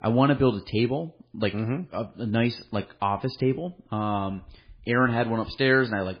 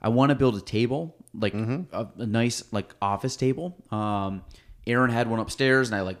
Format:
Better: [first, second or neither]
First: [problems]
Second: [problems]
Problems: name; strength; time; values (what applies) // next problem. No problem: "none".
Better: second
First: garbled, watery; badly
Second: none